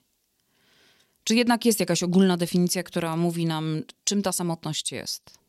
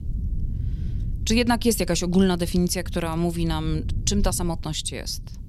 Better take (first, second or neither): first